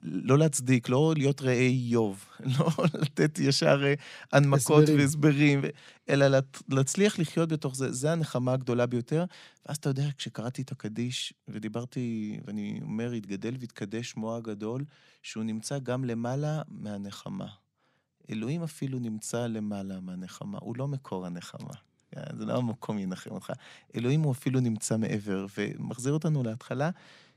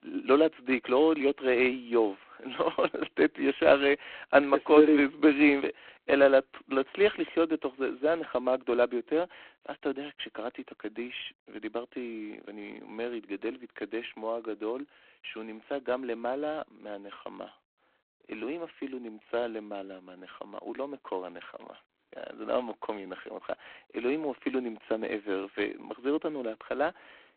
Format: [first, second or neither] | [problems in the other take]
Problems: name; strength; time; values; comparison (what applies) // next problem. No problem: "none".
first | phone-call audio; poor line; nothing above 3.5 kHz